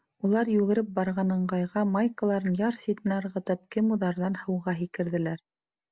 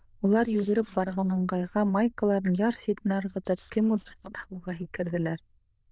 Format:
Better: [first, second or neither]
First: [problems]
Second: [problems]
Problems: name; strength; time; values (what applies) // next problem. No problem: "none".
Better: first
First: none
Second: noise reduction (neural diffusion model UNIVERSE++)